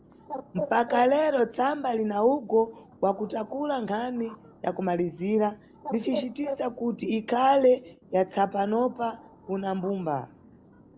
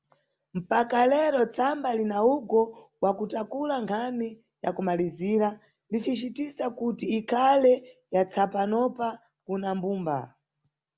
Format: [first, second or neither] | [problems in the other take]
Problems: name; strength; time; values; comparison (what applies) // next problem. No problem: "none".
second | background sound (Bird); 15 dB below the speech